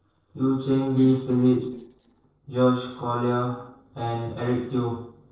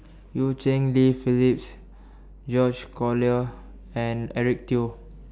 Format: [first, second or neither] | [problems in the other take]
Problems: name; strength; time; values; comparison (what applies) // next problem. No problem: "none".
second | noise reduction (neural separator model SepFormer DNS4)